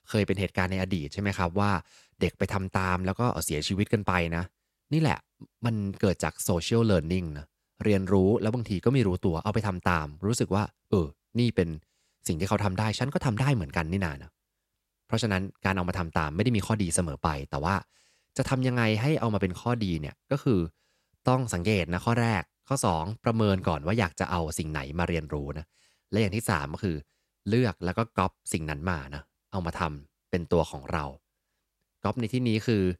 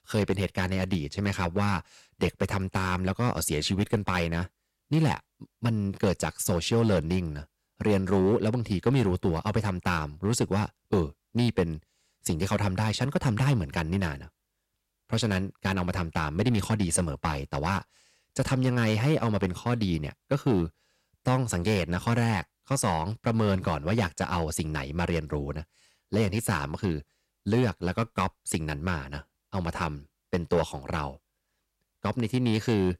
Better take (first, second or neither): first